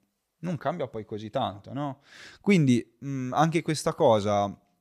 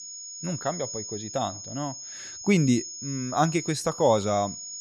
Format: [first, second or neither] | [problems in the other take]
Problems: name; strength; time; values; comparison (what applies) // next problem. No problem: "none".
first | high-pitched whine; loud; throughout; 6.5 kHz, 9 dB below the speech